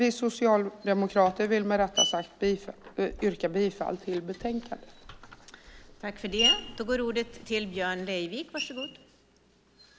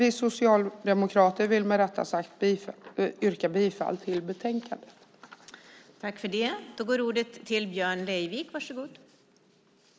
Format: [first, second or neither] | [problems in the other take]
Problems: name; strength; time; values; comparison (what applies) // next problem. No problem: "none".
second | background sound (Screech); 7 dB below the speech